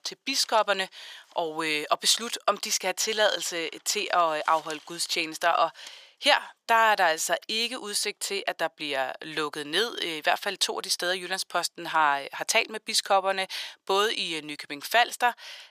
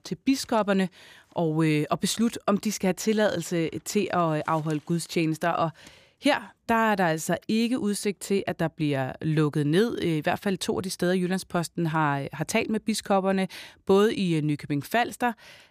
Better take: second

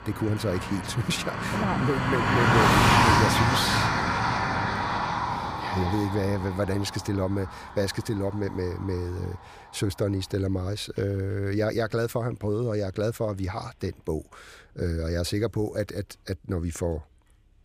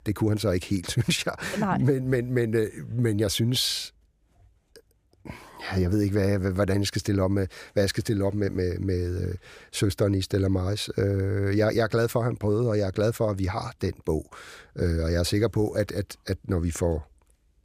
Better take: second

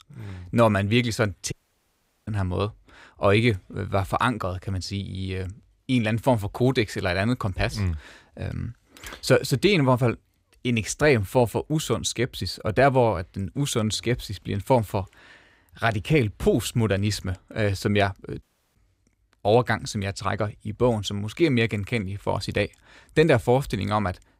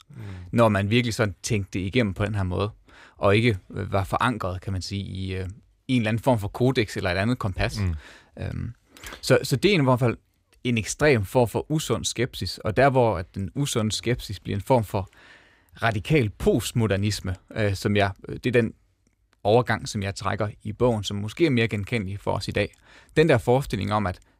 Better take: second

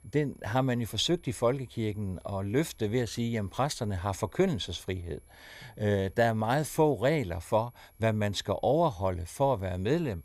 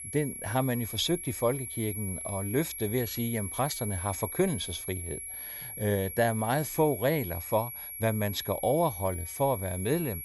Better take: first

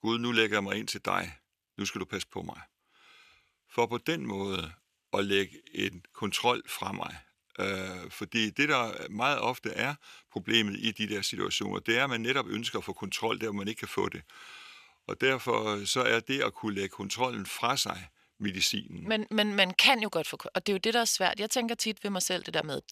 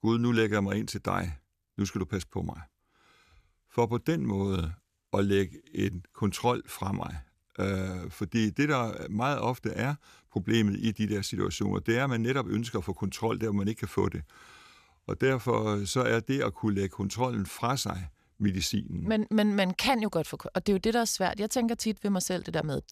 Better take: second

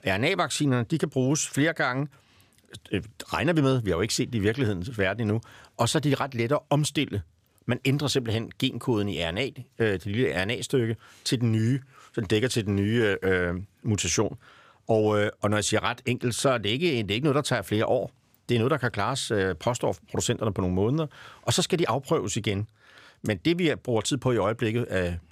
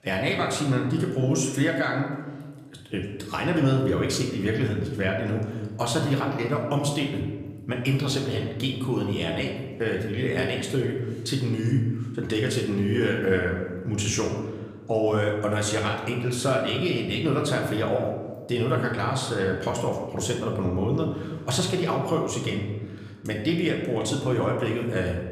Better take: first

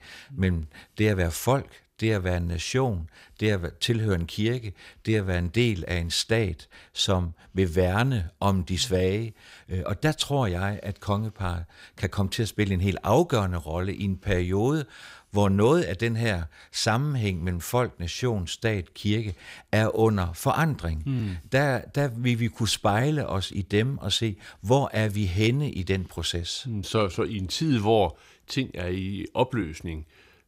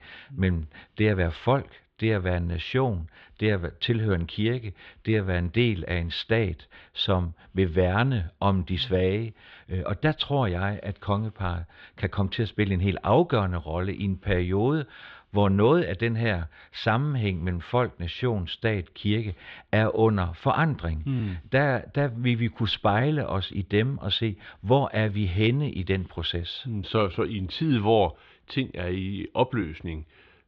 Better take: first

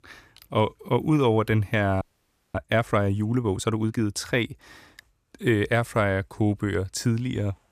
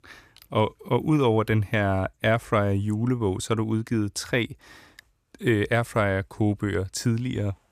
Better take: second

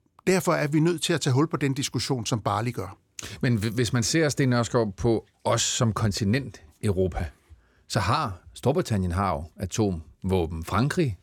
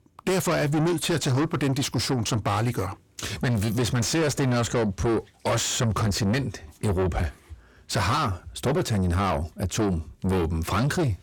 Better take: first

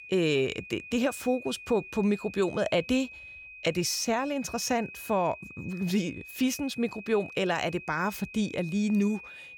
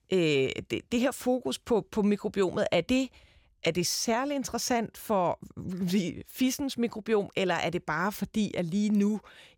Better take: second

